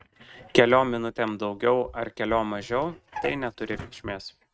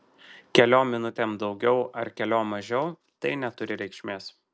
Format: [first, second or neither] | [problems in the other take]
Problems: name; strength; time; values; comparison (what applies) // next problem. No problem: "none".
second | noise reduction (neural mask model RNNoise)